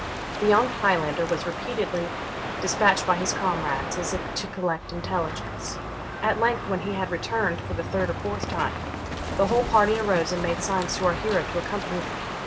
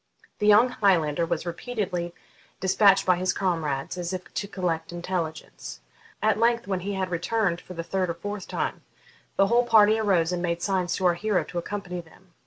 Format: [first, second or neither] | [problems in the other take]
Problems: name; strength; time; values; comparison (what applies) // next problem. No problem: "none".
second | background sound (Crow); 5 dB below the speech